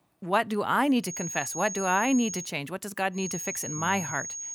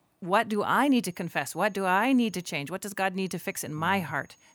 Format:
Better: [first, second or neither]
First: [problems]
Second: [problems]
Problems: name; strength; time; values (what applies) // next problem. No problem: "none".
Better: second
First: high-pitched whine; loud; from 1 to 2.5 s and from 3 s on; 6.5 kHz, 6 dB below the speech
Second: high-pitched whine; faint; from 1 to 2.5 s and from 3 s on; 6.5 kHz, 35 dB below the speech